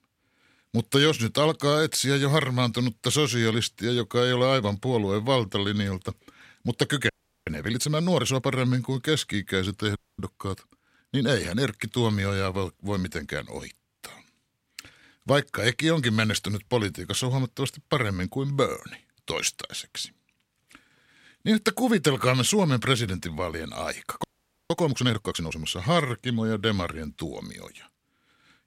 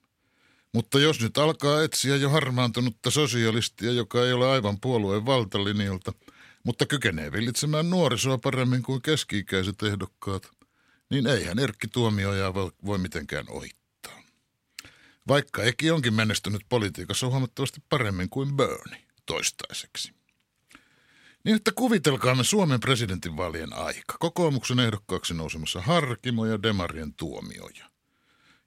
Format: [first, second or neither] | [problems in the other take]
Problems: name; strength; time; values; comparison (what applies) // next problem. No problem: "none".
second | audio freezing; at 7 s, at 10 s and at 24 s